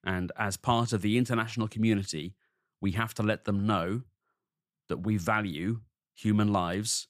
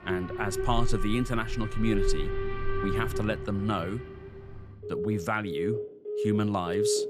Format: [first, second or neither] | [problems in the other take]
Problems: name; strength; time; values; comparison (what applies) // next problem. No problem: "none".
first | alarms or sirens; loud; throughout; 3 dB below the speech